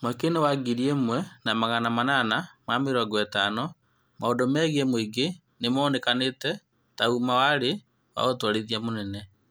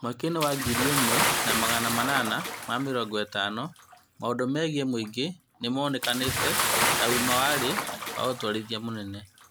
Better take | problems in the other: first | background sound (Bathtub (filling or washing) / Splash, splatter); 1 dB below the speech

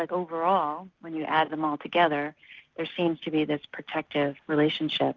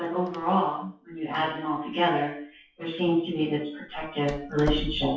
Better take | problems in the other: first | noise reduction (classical method WPE with log-MMSE)

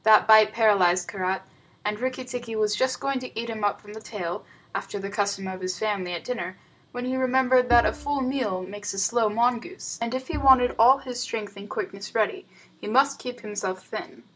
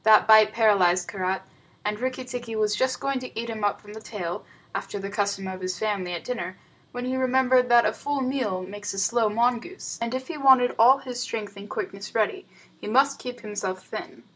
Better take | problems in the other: second | background sound (Bowed string instrument); 12 dB below the speech

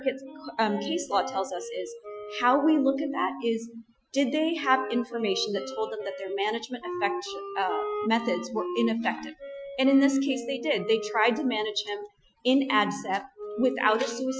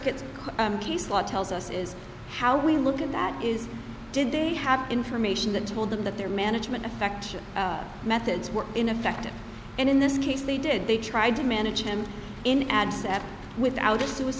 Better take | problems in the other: second | noise reduction (classical method Wiener filter)

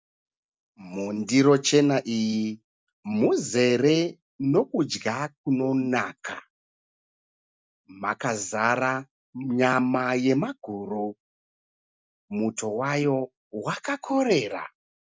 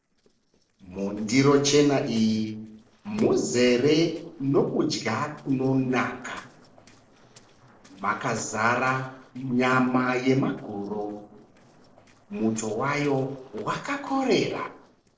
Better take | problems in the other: first | noise reduction (neural separator model SepFormer DNS4)

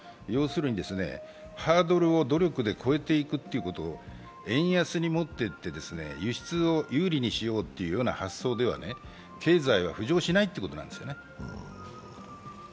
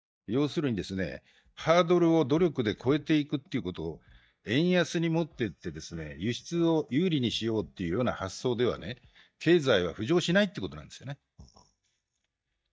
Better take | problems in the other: first | noise reduction (neural mask model DeepFilterNet 3)

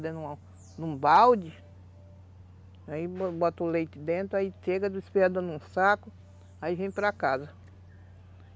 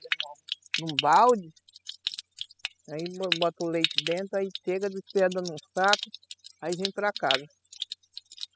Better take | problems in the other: first | noise reduction (classical method spectral subtraction)

